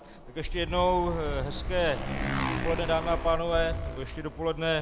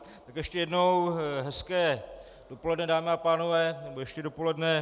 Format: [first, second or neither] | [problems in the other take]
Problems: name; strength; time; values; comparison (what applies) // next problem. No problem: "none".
second | background sound (Motorcycle); 3 dB below the speech